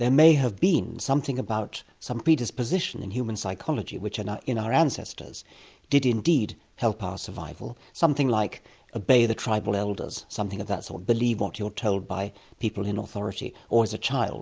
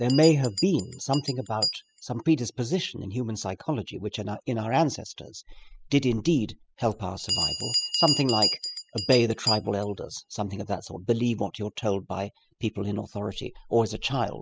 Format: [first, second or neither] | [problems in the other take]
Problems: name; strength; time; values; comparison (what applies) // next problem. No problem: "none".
first | noise reduction (classical method spectral subtraction)